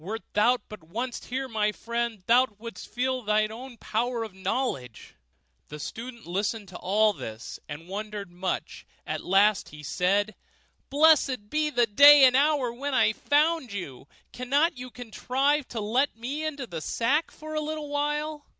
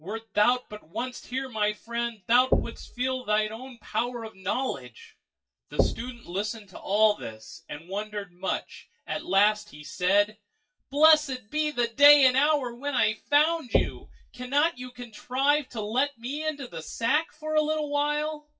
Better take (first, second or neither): first